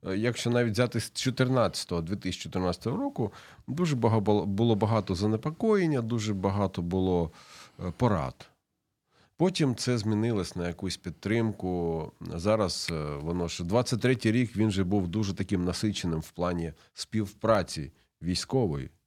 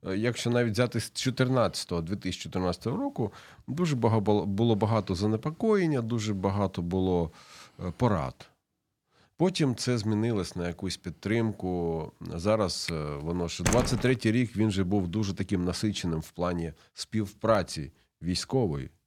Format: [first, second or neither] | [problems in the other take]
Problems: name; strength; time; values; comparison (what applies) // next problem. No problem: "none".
first | door banging; noticeable; at 14 s; peak level with the speech